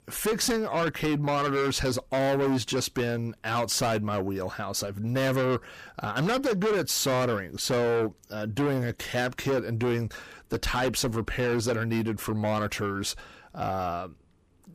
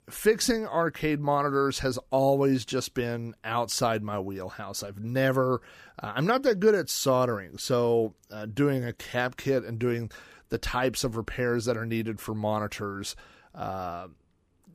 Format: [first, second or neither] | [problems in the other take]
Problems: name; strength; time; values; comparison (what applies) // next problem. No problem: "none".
second | distortion; heavy; 6 dB below the speech